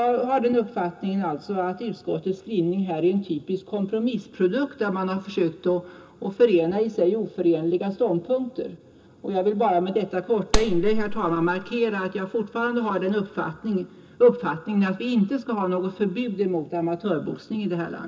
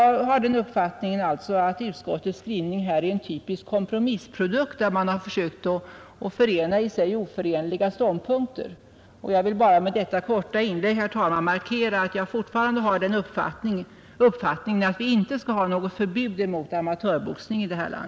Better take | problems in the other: second | background sound (Clapping); as loud as the speech // room echo; dies away in 0.2 s

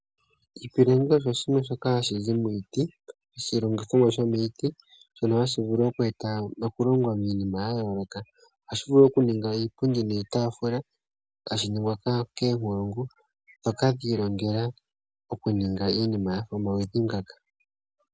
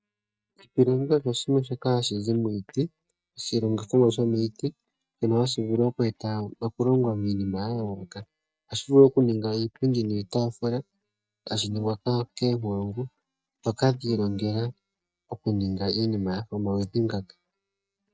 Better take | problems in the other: first | noise reduction (neural mask model DeepFilterNet 3)

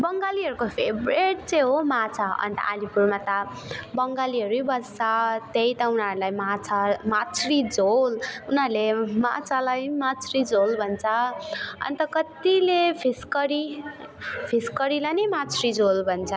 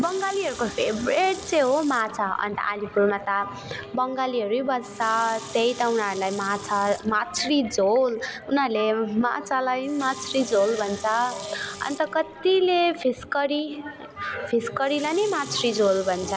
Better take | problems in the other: first | background sound (Wind instrument, woodwind instrument + Sink (filling or washing) / Water tap, faucet); 16 dB below the speech

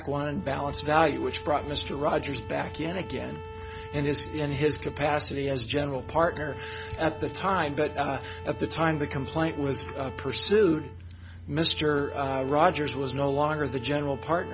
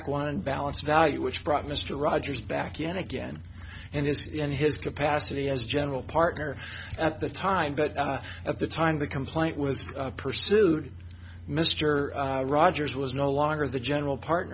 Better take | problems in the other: second | background sound (Bowed string instrument); 15 dB below the speech

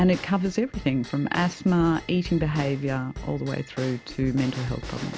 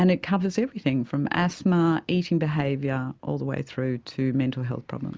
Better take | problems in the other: second | background sound (Bell / Drum / Drum kit); 14 dB below the speech

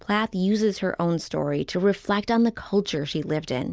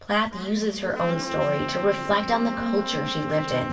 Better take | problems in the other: first | background sound (Trumpet); 9 dB below the speech // room echo; dies away in 2.5 s

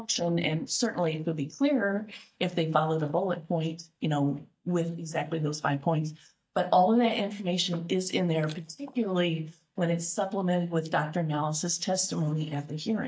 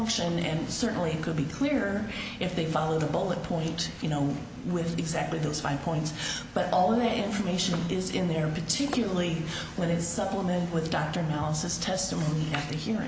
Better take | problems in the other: second | noise reduction (neural mask model DeepFilterNet 3)

